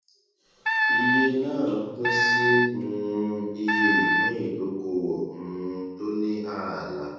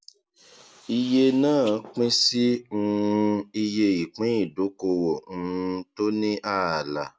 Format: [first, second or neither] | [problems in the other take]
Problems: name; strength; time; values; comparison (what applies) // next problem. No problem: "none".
second | background sound (Wind instrument, woodwind instrument); 3 dB above the speech // room echo; dies away in 1.3 s